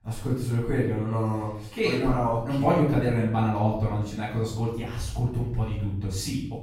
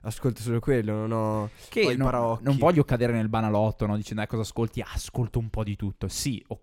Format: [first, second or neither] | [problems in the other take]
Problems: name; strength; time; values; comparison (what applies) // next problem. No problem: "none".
second | room echo; noticeable; dies away in 0.6 s // off-mic speech; far